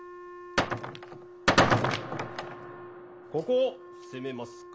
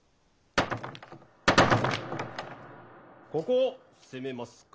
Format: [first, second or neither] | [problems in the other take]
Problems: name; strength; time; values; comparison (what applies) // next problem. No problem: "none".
second | background sound (Wind instrument, woodwind instrument); 16 dB below the speech